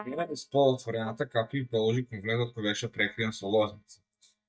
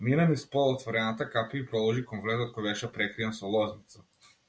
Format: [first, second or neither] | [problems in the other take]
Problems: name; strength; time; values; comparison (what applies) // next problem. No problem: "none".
second | noise reduction (neural mask model DeepFilterNet 3)